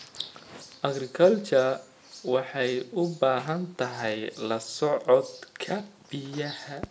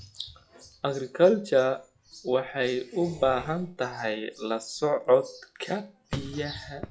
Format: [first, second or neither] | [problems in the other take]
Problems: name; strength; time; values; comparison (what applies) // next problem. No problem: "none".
first | noise reduction (classical method log-MMSE)